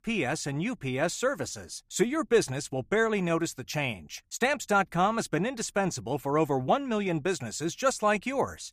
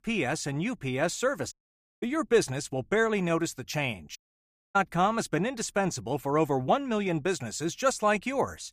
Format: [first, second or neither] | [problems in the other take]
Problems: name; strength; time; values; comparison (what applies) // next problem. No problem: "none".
first | audio cutting out; at 1.5 s for 0.5 s and at 4 s for 0.5 s